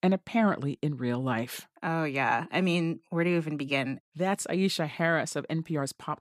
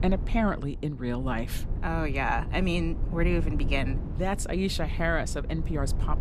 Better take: first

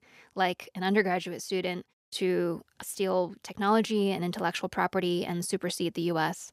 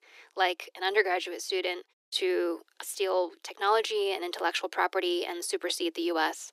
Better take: first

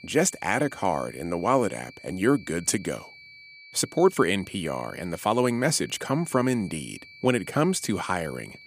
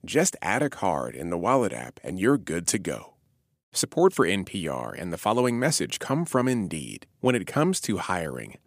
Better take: second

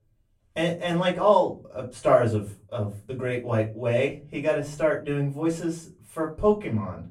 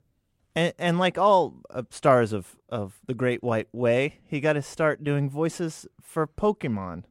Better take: second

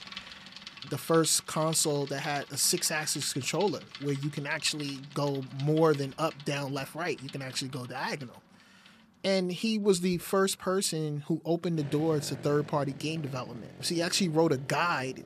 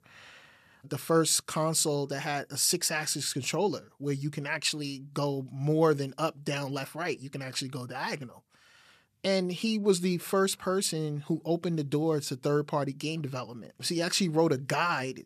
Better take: second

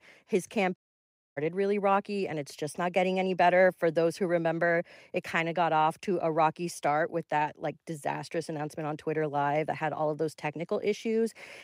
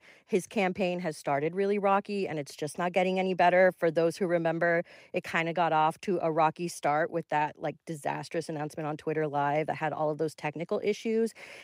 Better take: second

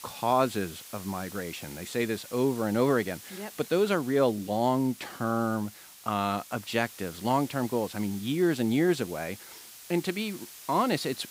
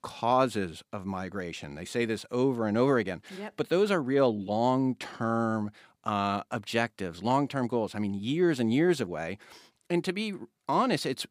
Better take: second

